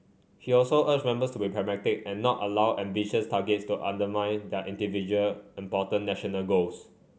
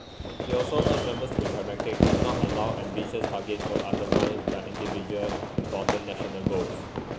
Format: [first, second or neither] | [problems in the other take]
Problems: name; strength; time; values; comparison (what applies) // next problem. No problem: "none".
first | background sound (Fireworks); 4 dB above the speech